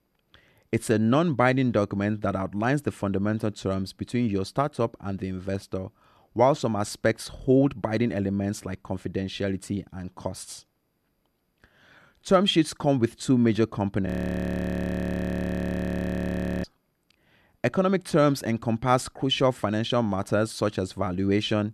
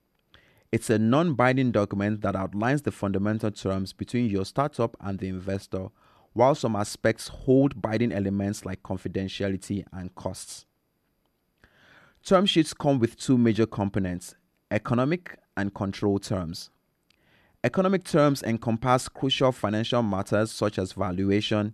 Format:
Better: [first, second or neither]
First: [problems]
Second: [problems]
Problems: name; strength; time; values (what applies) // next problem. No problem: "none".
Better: second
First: audio freezing; at 14 s for 2.5 s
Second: none